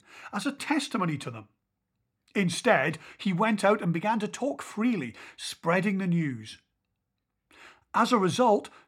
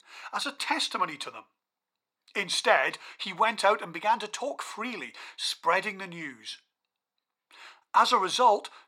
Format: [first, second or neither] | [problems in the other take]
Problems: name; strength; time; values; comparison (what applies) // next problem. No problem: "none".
first | thin; very; fading below 550 Hz